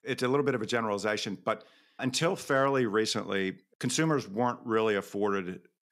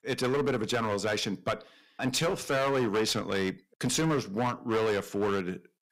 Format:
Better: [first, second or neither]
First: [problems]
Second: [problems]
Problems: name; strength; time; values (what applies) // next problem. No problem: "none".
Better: first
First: none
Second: distortion; heavy; 13% of the sound clipped